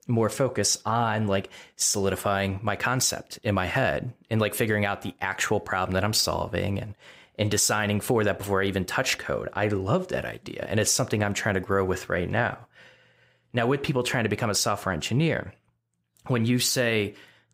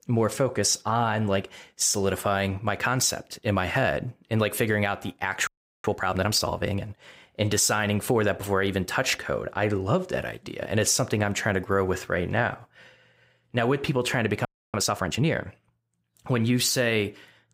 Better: first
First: none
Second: audio freezing; at 5.5 s and at 14 s

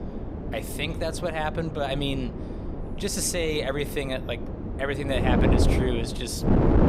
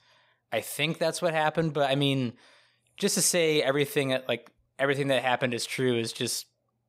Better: second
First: wind noise on the microphone; heavy; 4 dB below the speech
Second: none

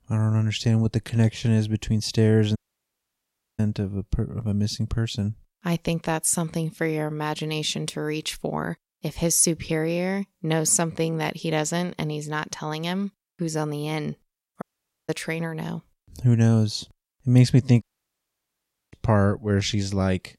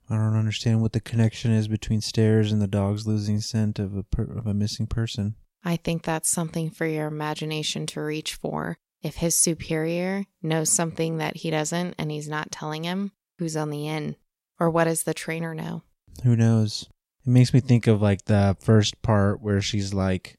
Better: second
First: audio cutting out; at 2.5 s for 1 s, at 15 s and at 18 s for 1 s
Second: none

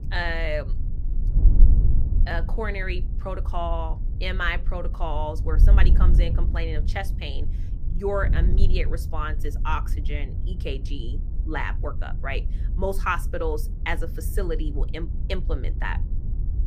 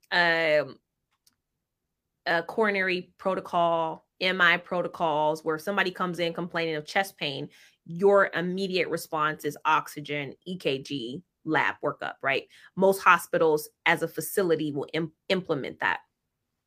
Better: second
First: wind noise on the microphone; occasional gusts; 15 dB below the speech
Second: none

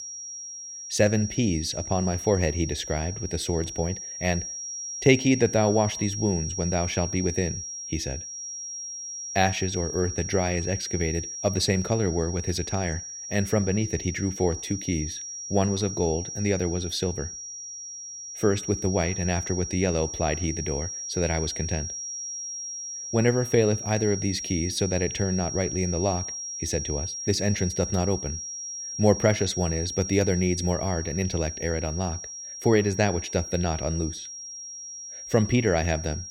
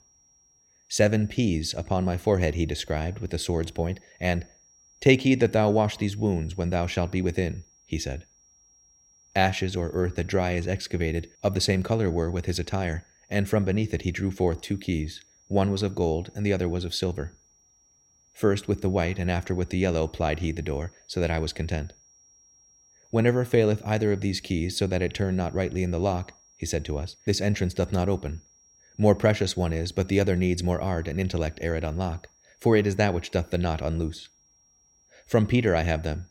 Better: second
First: high-pitched whine; loud; throughout; 5.5 kHz, 7 dB below the speech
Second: high-pitched whine; faint; throughout; 5.5 kHz, 30 dB below the speech

